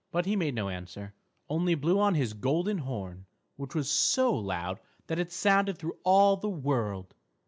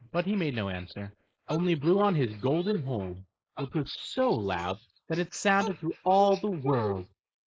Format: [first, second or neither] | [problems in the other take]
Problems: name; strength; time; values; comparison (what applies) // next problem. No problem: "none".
first | noise reduction (neural mask model Resemble Enhance denoiser)